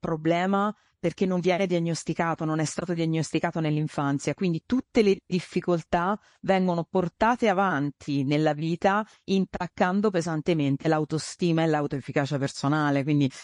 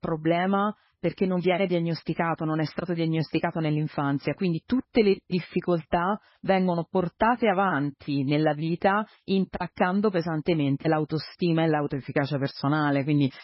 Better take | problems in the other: first | garbled, watery; badly; nothing above 5.5 kHz; slightly in the first

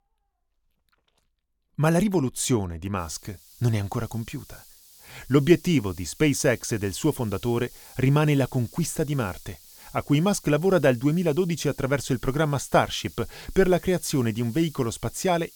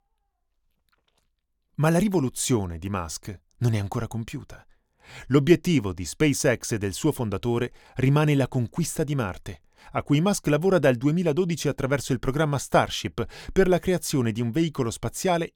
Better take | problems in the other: second | hiss; faint; from 3 s on; 20 dB below the speech

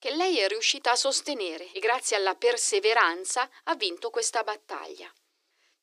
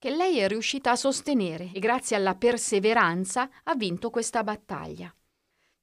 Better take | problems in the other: second | thin; very; fading below 300 Hz

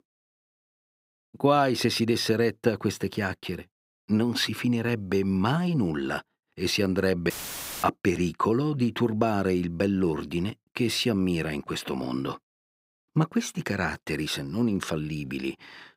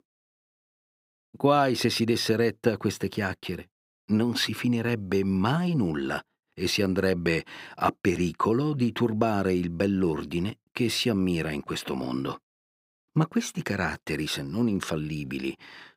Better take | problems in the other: second | audio cutting out; filled with static; at 7.5 s for 0.5 s

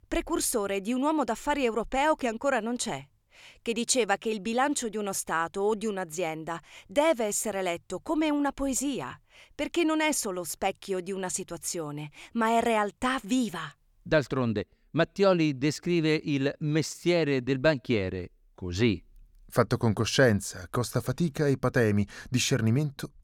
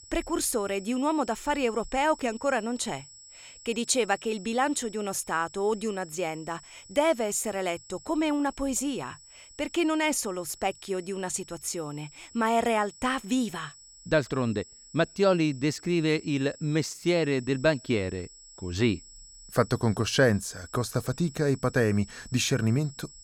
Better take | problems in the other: first | high-pitched whine; noticeable; throughout; 8 kHz, 20 dB below the speech

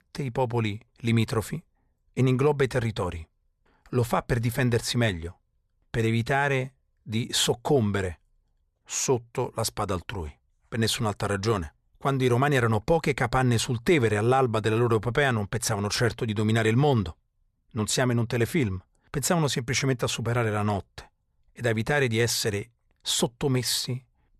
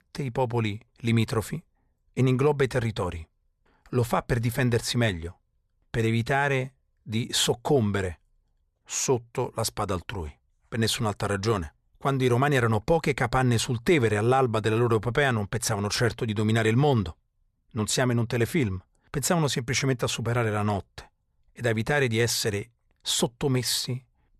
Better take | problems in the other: neither | none

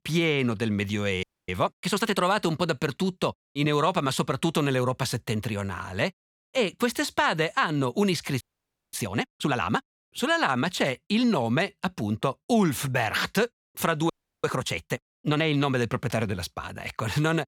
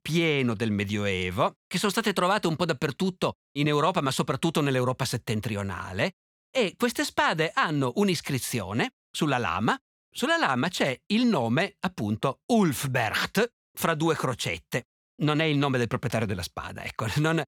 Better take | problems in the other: second | audio freezing; at 1 s, at 8.5 s for 0.5 s and at 14 s

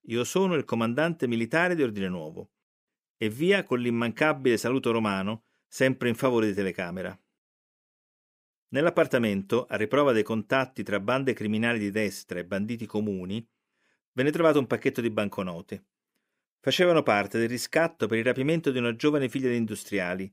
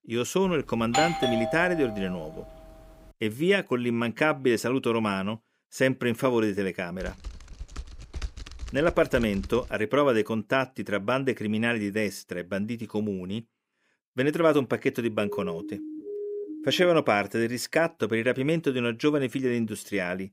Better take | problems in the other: first | doorbell; loud; from 1 to 2 s; peak 1 dB above the speech // keyboard typing; faint; from 7 to 9.5 s; peak 10 dB below the speech // siren; noticeable; from 15 to 17 s; peak 8 dB below the speech

